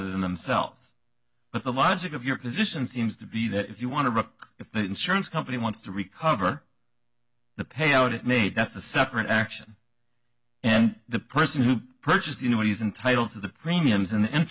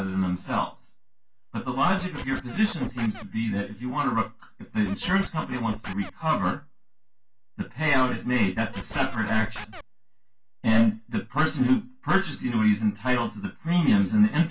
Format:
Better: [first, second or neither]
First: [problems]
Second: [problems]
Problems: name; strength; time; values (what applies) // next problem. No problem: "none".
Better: first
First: none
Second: background sound (Scratching (performance technique)); 13 dB below the speech // room echo; dies away in 0.2 s